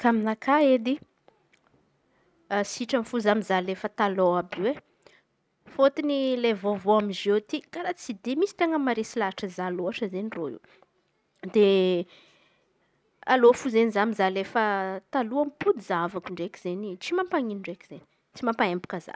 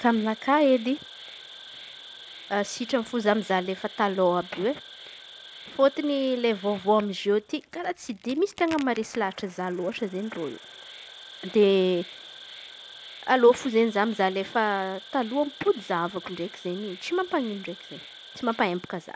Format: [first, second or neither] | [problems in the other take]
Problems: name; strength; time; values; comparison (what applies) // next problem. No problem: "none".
first | background sound (Crack + Insect); 18 dB below the speech